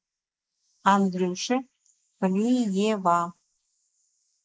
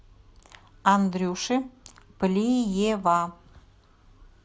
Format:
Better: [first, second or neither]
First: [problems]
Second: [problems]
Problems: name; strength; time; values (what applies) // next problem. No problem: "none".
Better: second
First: noise reduction (neural mask model Resemble Enhance denoiser)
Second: none